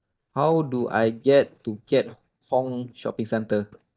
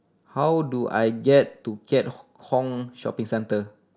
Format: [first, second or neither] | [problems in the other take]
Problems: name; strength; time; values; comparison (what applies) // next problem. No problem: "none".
second | noise reduction (neural mask model DeepFilterNet 3)